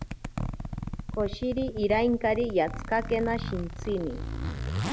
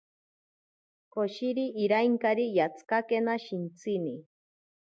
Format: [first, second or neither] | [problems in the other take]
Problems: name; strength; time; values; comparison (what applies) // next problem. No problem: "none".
second | background sound (Zipper (clothing)); 5 dB below the speech